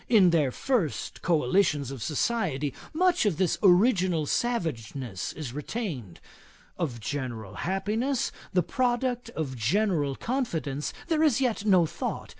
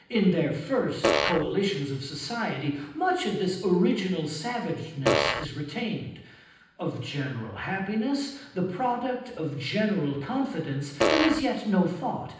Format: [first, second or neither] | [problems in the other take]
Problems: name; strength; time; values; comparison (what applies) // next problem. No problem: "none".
first | background sound (Fart); 3 dB above the speech // room echo; dies away in 0.9 s